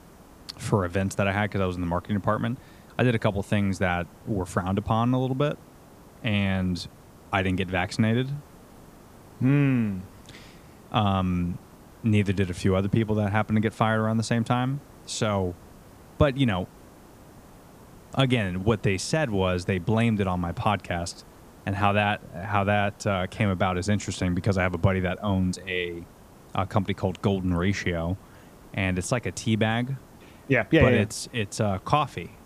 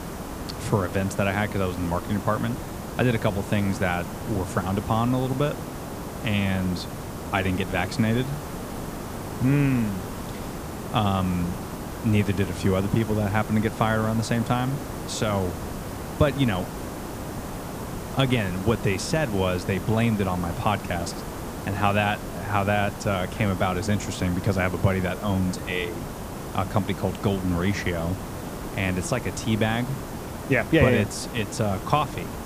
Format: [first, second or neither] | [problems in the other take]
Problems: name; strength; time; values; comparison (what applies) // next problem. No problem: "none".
first | hiss; loud; throughout; 9 dB below the speech; faint in the first